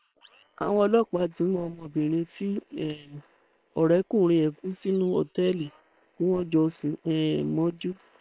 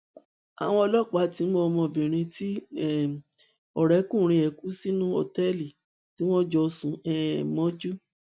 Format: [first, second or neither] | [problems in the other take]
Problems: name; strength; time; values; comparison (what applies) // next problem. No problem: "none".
second | noise reduction (neural separator model SepFormer WHAM!)